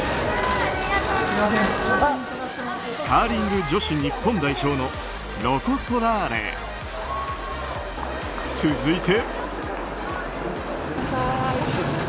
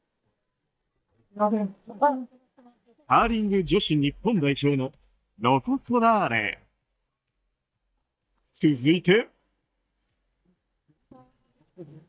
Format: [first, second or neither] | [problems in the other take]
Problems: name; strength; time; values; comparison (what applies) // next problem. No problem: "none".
first | noise reduction (neural mask model DeepFilterNet 3)